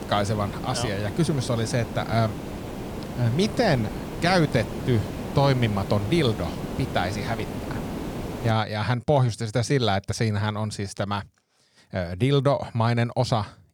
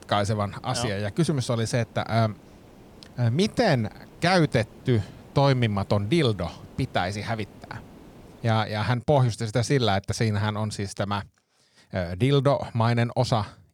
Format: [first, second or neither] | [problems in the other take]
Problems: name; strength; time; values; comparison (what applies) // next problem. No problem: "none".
second | hiss; loud; until 8.5 s; 8 dB below the speech; faint in the second